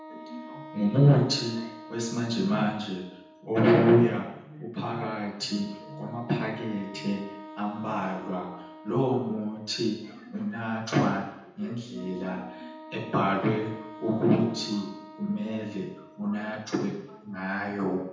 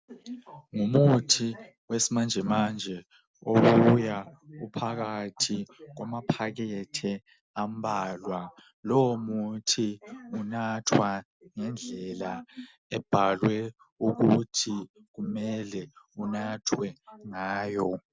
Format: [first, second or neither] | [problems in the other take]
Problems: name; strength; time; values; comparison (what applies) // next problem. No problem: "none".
second | background sound (Wind instrument, woodwind instrument); 18 dB below the speech // room echo; dies away in 0.9 s